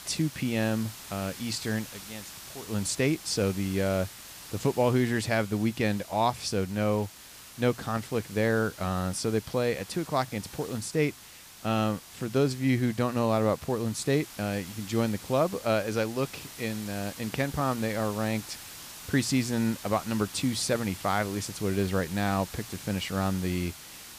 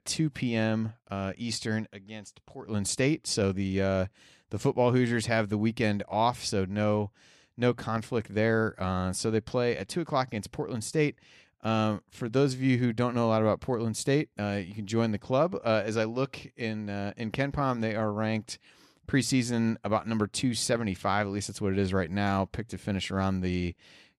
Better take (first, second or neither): second